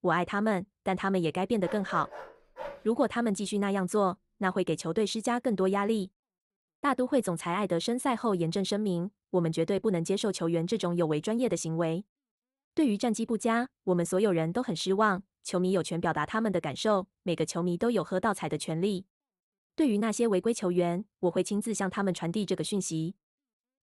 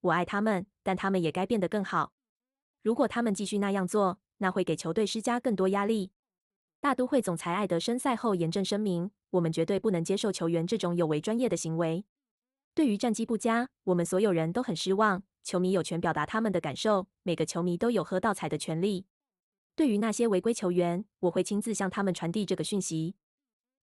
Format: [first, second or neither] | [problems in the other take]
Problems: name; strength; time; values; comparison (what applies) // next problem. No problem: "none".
second | dog barking; faint; from 1.5 to 3 s; peak 10 dB below the speech